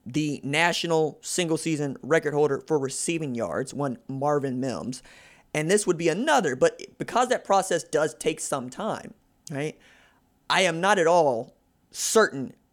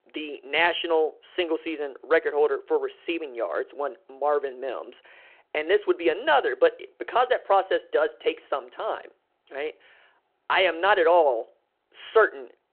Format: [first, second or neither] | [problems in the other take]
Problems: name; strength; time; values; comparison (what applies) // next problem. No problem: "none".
first | phone-call audio